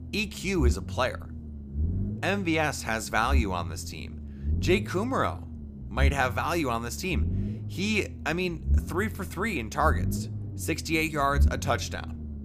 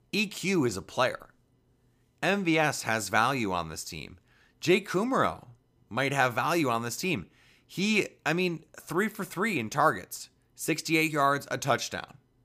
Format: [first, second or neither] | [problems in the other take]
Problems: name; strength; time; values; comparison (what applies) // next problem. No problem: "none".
second | low rumble; noticeable; throughout; 15 dB below the speech